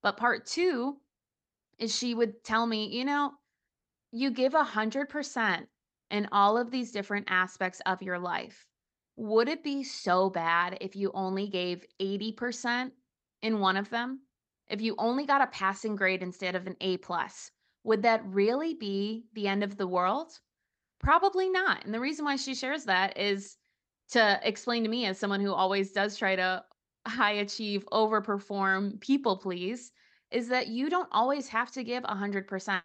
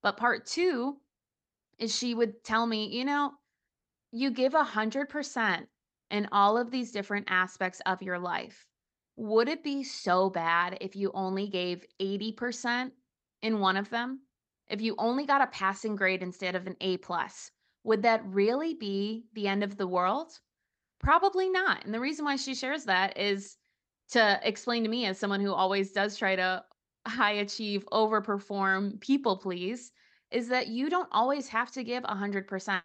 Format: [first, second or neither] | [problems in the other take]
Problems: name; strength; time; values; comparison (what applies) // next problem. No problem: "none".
neither | none